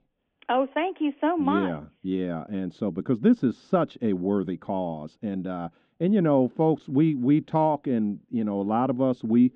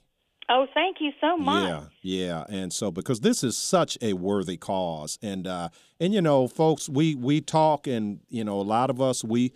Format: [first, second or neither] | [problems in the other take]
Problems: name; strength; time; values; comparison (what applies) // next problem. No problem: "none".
second | muffled; very; fading above 2 kHz